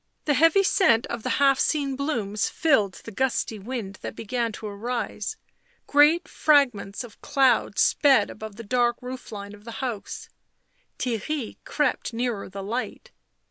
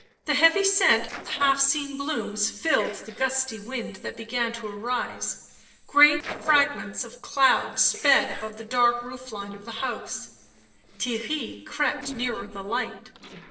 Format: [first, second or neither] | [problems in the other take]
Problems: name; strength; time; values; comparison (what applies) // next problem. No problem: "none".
first | noise reduction (neural separator model SepFormer DNS4)